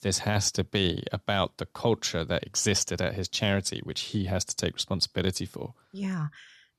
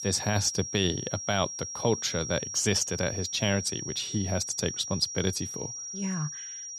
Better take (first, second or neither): first